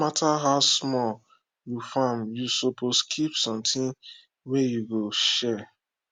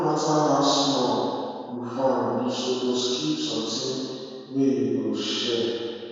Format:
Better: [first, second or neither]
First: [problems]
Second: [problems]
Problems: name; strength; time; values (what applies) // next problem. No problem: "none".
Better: first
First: none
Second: room echo; dies away in 2.2 s